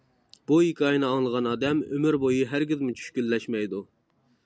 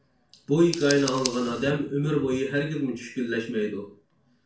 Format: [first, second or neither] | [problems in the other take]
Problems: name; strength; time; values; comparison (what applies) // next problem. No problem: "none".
first | background sound (Scissors); 15 dB below the speech // room echo; dies away in 0.4 s